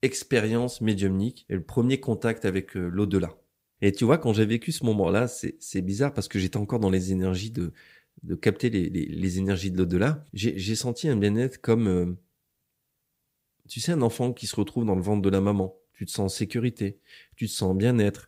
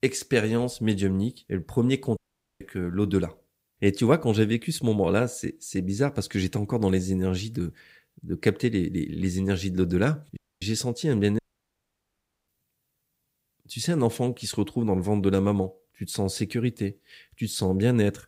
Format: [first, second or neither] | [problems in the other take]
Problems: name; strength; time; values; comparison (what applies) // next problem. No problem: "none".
first | audio cutting out; at 2 s, at 10 s and at 11 s for 1 s